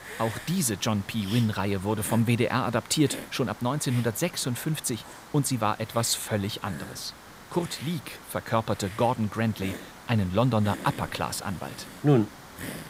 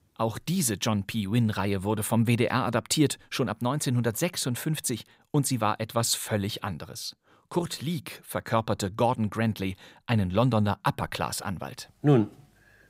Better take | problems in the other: second | hiss; noticeable; throughout; 15 dB below the speech

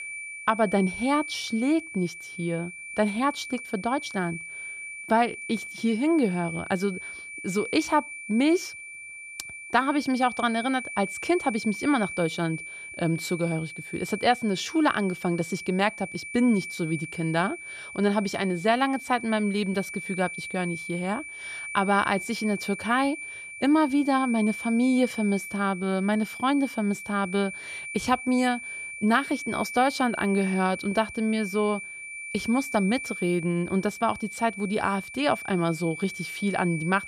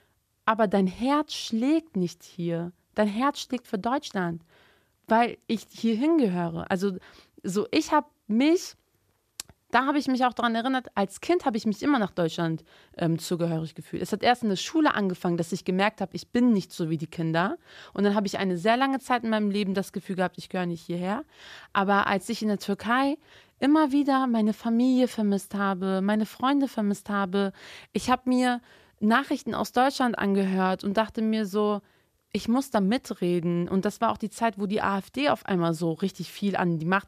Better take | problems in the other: second | high-pitched whine; loud; throughout; 2.5 kHz, 9 dB below the speech

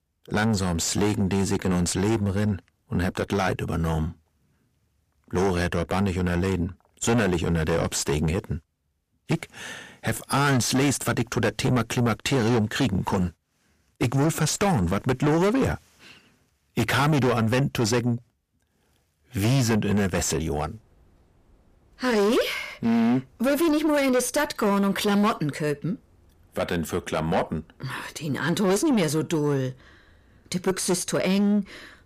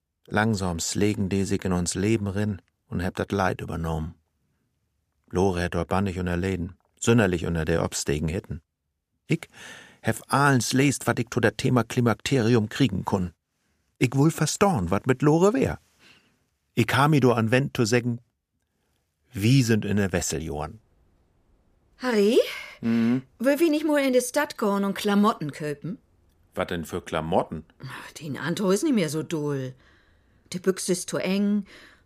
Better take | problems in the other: second | distortion; heavy; 7 dB below the speech

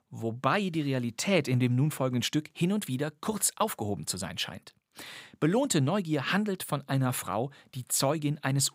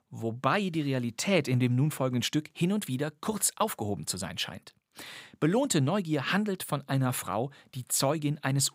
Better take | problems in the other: neither | none

